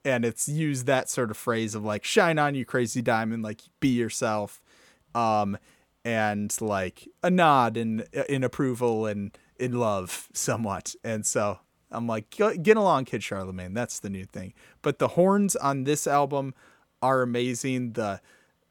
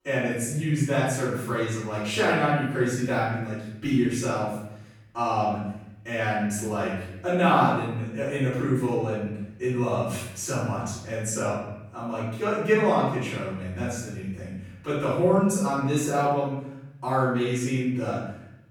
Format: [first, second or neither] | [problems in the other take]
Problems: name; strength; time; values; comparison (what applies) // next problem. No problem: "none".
first | room echo; strong; dies away in 1 s // off-mic speech; far